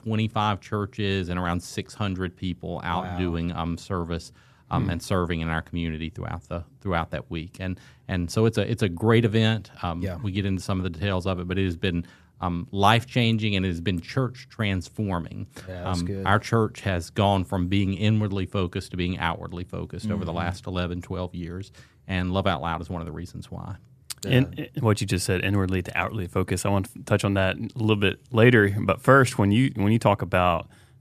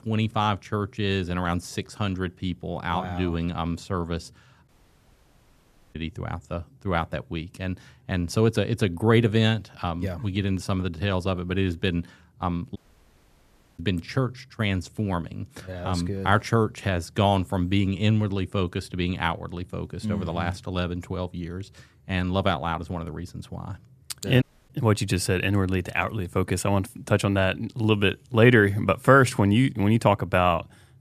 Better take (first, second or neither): first